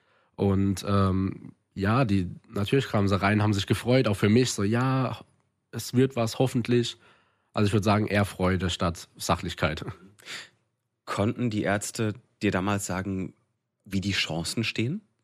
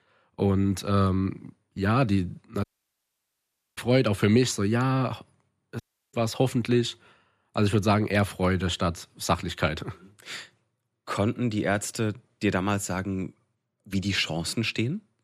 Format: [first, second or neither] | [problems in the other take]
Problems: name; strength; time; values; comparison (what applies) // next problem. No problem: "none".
first | audio cutting out; at 2.5 s for 1 s and at 6 s